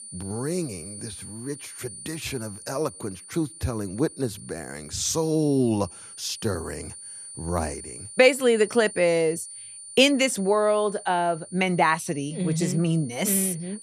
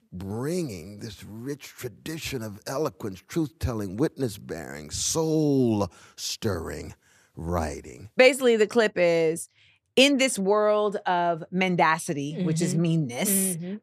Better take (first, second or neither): second